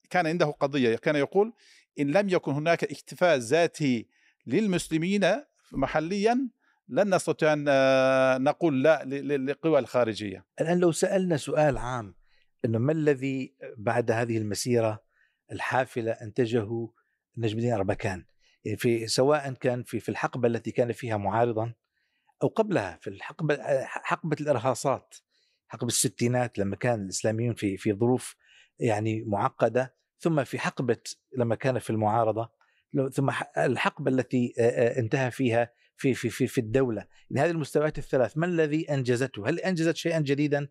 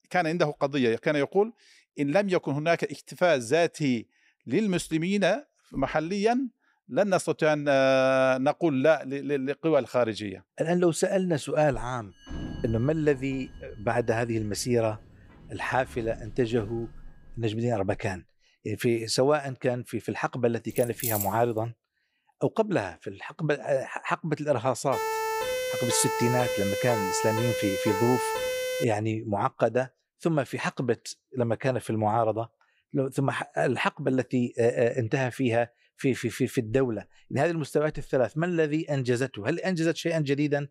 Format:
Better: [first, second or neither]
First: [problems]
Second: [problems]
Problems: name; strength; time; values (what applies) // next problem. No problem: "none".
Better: first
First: none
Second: door banging; faint; from 12 to 17 s; peak 10 dB below the speech // jangling keys; noticeable; at 21 s; peak 2 dB below the speech // siren; noticeable; from 25 to 29 s; peak 1 dB below the speech